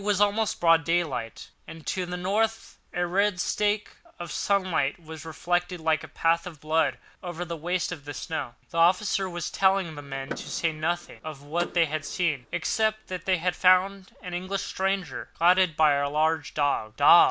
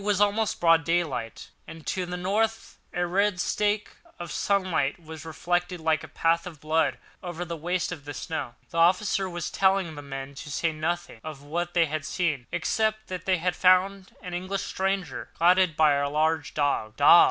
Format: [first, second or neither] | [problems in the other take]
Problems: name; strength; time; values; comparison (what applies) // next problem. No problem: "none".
second | background sound (Door / Car); 17 dB below the speech